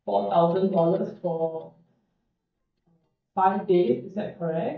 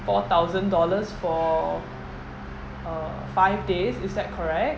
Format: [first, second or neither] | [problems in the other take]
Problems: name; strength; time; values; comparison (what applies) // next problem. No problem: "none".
second | noise reduction (neural mask model DeepFilterNet 3)